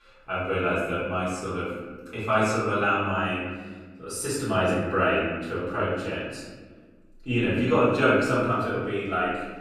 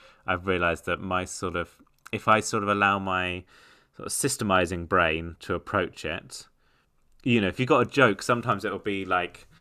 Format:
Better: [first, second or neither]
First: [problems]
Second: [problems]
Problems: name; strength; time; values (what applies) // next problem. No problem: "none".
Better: second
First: off-mic speech; far // room echo; noticeable; dies away in 1.4 s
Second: none